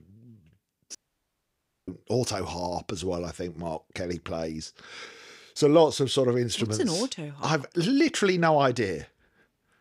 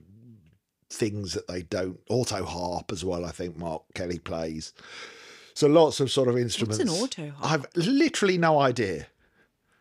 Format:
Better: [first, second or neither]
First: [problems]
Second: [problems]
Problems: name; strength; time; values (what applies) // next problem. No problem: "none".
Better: second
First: audio cutting out; at 1 s for 1 s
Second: none